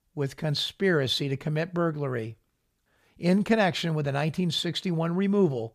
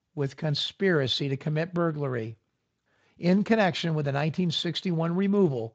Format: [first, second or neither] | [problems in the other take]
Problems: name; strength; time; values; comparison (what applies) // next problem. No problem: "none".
first | garbled, watery; slightly; nothing above 7.5 kHz